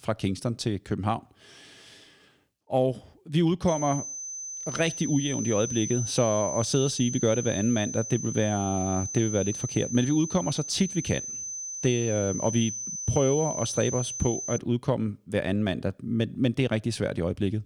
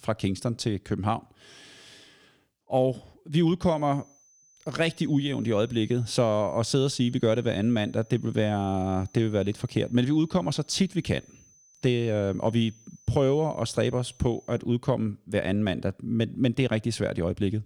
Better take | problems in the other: second | high-pitched whine; loud; from 3.5 to 15 s; 6 kHz, 6 dB below the speech; faint in the second

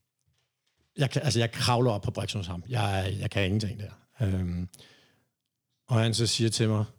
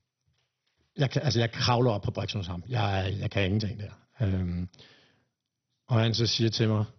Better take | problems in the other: first | garbled, watery; badly; nothing above 6 kHz

